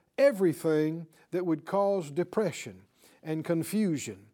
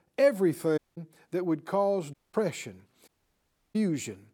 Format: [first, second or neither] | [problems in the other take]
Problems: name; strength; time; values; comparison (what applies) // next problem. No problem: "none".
first | audio cutting out; at 1 s, at 2 s and at 3 s for 0.5 s